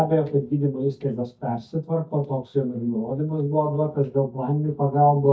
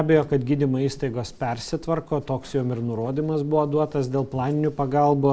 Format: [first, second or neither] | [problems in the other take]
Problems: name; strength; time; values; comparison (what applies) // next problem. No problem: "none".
second | noise reduction (neural mask model DeepFilterNet 3)